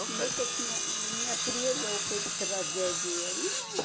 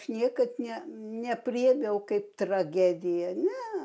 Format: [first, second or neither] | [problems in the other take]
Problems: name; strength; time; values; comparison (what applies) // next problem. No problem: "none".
second | background sound (Tools); 5 dB above the speech